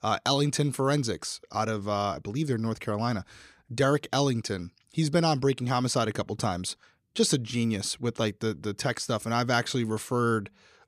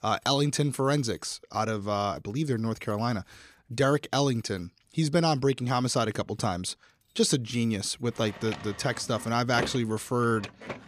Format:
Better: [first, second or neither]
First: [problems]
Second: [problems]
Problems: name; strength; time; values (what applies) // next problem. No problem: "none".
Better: first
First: none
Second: household noises; noticeable; throughout; 10 dB below the speech